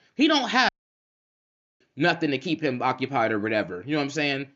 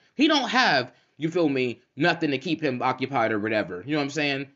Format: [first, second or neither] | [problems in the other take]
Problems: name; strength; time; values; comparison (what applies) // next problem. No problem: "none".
second | audio cutting out; at 0.5 s for 1 s